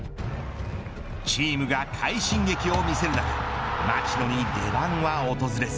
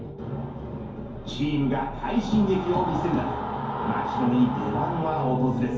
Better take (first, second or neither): first